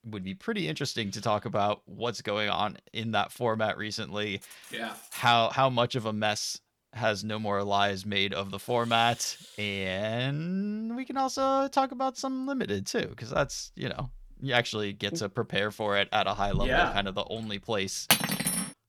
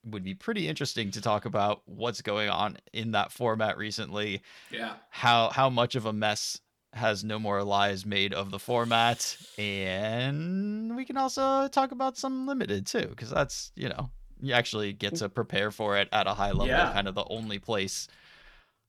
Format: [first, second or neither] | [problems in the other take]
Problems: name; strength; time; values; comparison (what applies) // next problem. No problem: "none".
second | clattering dishes; faint; at 4.5 s; peak 15 dB below the speech // clattering dishes; loud; at 18 s; peak 5 dB above the speech